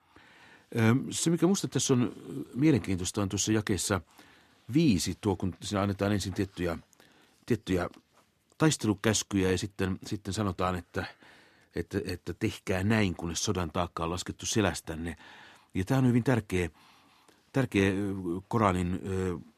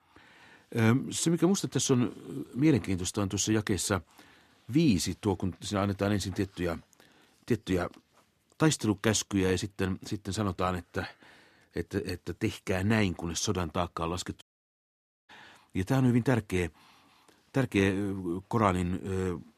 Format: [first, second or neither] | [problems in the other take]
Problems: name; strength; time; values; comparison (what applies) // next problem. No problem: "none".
first | audio cutting out; at 14 s for 1 s